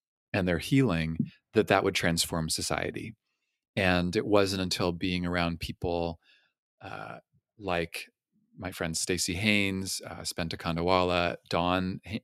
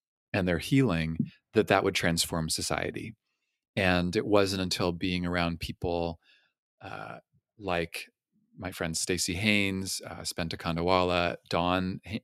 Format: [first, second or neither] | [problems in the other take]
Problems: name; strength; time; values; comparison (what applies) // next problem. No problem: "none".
neither | none